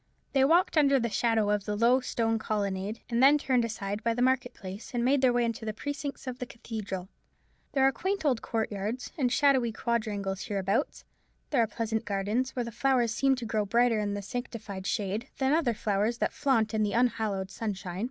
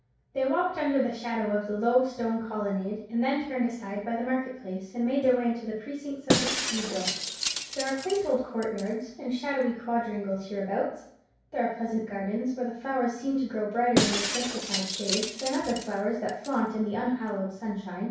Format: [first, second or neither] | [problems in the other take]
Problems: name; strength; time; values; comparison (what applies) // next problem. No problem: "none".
first | background sound (Shatter); 3 dB below the speech // room echo; dies away in 0.6 s